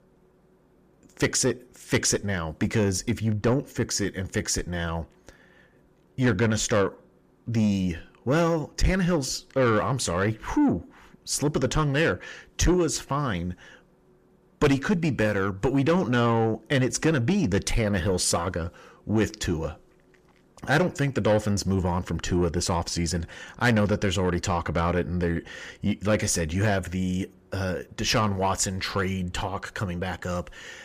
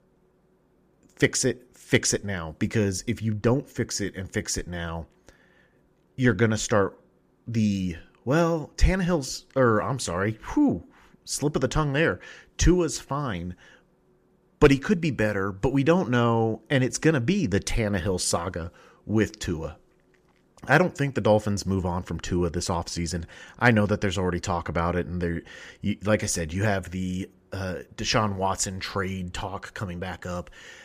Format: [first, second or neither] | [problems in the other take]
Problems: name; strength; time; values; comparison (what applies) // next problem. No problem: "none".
second | distortion; slight; 10 dB below the speech